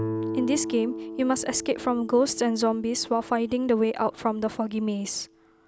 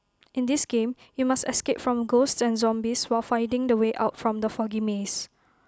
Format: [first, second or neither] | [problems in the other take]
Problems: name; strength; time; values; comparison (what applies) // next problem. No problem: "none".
second | background sound (Guitar); 10 dB below the speech